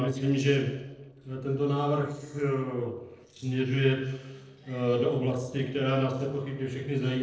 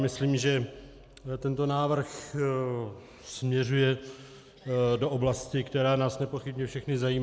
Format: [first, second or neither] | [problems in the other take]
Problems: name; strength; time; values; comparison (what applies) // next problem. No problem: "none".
second | noise reduction (neural separator model SepFormer DNS4)